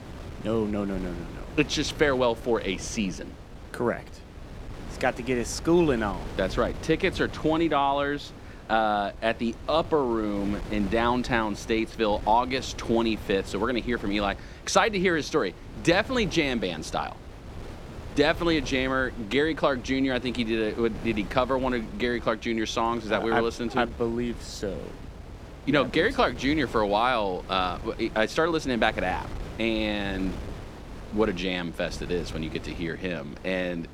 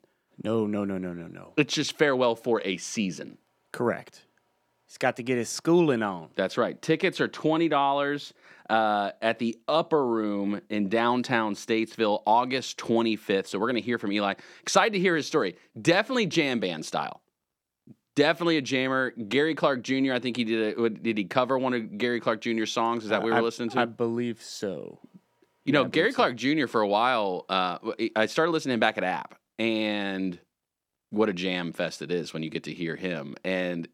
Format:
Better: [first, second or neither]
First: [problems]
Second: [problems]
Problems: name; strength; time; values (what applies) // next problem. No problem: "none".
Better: second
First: wind noise on the microphone; occasional gusts; 20 dB below the speech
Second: none